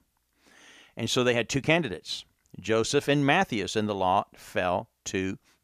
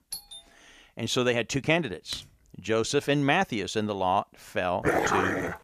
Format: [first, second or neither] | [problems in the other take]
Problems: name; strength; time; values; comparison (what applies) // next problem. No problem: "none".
first | doorbell; faint; at the start; peak 10 dB below the speech // keyboard typing; faint; at 2 s; peak 15 dB below the speech // dog barking; loud; at 5 s; peak 3 dB above the speech